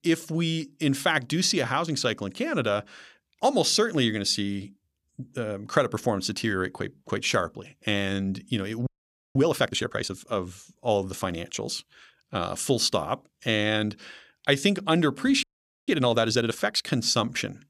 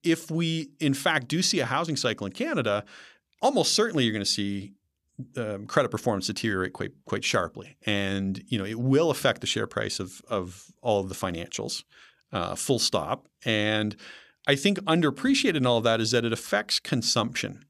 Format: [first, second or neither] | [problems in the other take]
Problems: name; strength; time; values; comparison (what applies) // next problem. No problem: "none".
second | audio freezing; at 9 s and at 15 s